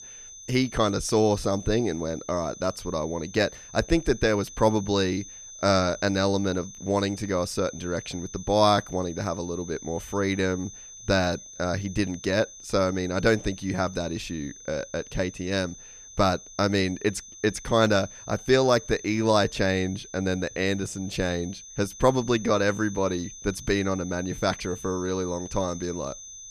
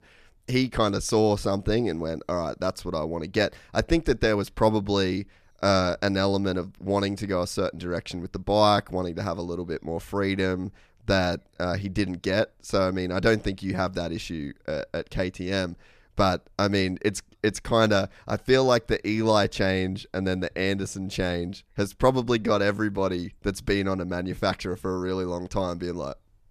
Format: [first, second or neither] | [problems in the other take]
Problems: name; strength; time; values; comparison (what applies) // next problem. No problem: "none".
second | high-pitched whine; noticeable; throughout; 6 kHz, 15 dB below the speech